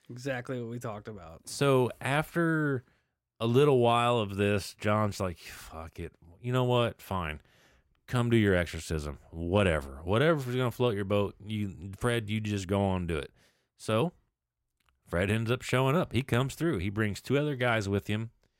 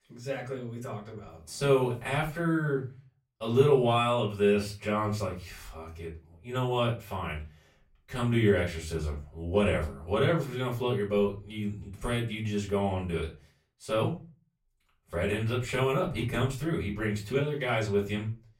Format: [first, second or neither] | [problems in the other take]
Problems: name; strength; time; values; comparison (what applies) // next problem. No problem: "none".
first | off-mic speech; far // room echo; very slight; dies away in 0.3 s